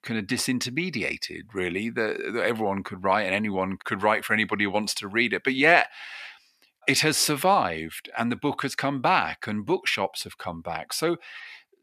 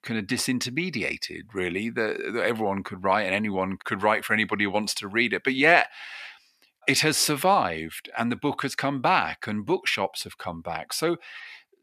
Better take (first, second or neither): neither